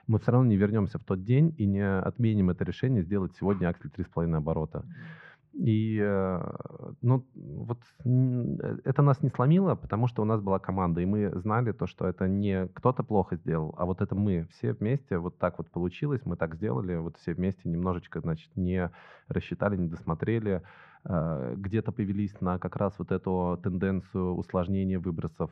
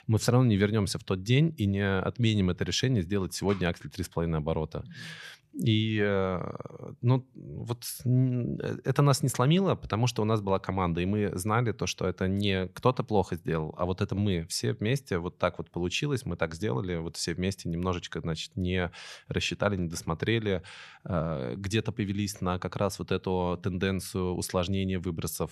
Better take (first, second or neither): second